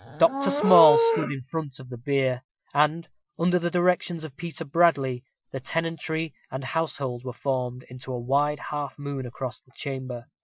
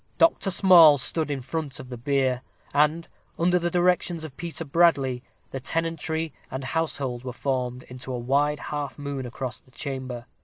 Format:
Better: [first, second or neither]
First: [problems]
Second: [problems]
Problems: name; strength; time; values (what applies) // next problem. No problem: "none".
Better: second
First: noise reduction (classical method Wiener filter)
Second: none